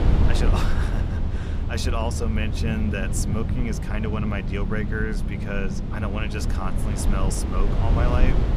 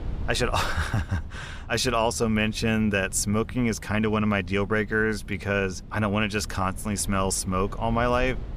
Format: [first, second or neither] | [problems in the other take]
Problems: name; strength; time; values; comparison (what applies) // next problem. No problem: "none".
second | low rumble; loud; throughout; 4 dB below the speech; faint in the second